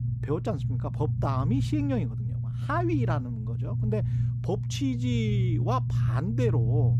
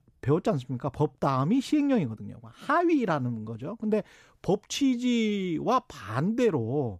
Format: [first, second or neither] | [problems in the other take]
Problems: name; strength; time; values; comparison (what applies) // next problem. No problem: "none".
second | low rumble; loud; throughout; 8 dB below the speech